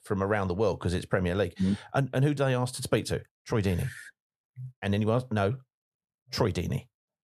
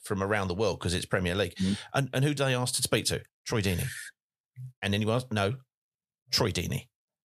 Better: second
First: muffled; slightly; fading above 2 kHz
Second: none

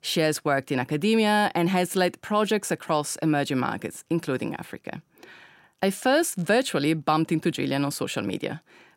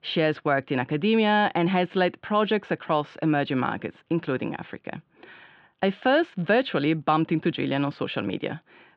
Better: first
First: none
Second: muffled; very; fading above 3.5 kHz

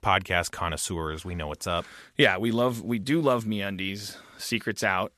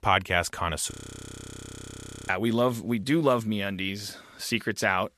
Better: first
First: none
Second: audio freezing; at 1 s for 1.5 s

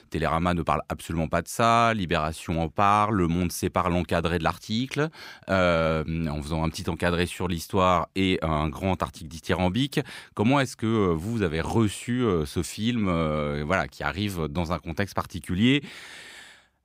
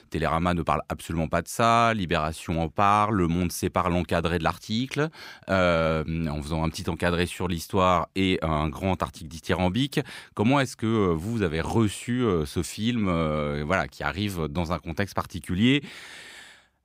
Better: neither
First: none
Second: none

